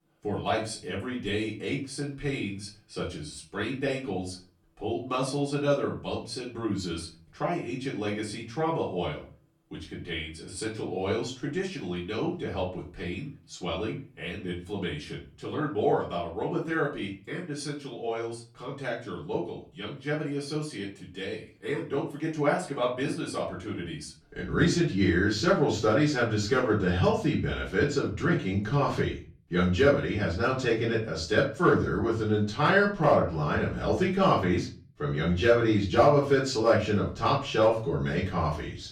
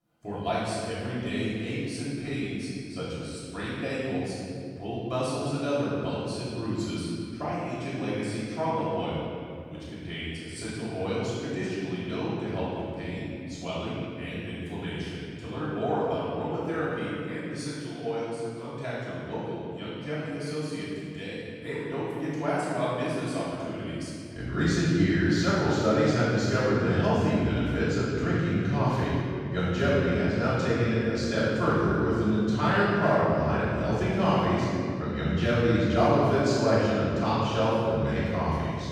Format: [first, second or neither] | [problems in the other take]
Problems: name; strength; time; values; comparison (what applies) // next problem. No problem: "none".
first | room echo; strong; dies away in 2.3 s; slight in the first // off-mic speech; far; far in the first